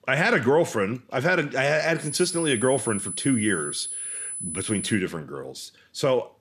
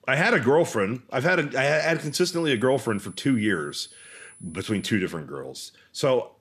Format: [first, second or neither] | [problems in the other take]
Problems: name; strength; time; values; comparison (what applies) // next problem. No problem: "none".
second | high-pitched whine; loud; from 2 to 5 s; 10 kHz, 6 dB below the speech; faint in the second